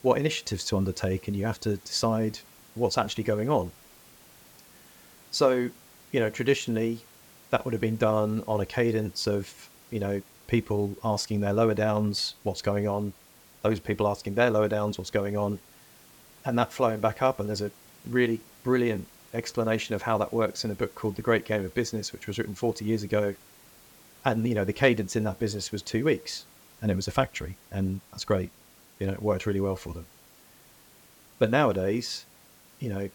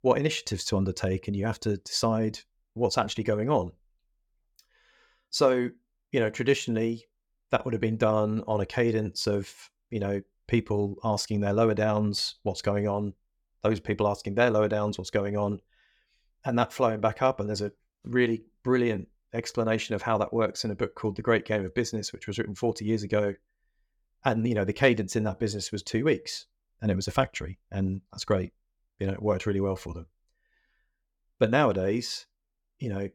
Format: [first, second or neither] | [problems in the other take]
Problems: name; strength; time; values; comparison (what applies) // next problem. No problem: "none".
second | hiss; faint; throughout; 25 dB below the speech